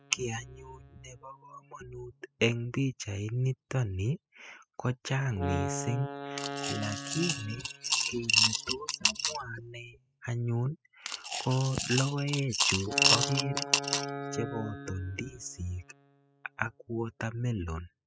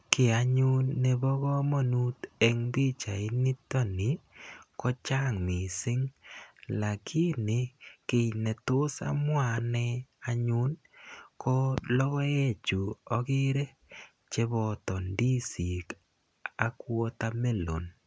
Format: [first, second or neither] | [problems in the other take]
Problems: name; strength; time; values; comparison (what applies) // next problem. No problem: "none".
second | noise reduction (classical method spectral subtraction)